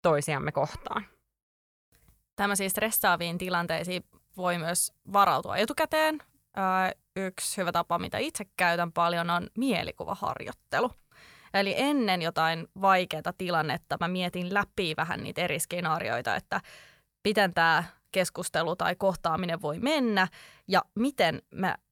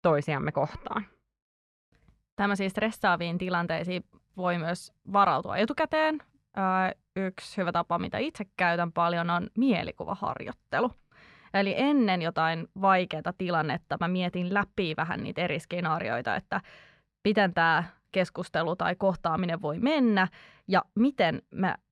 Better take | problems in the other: first | muffled; very slightly; fading above 3.5 kHz

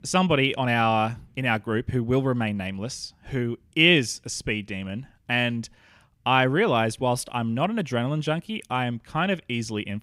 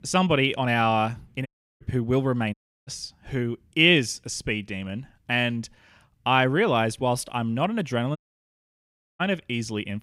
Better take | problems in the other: first | audio cutting out; at 1.5 s, at 2.5 s and at 8 s for 1 s

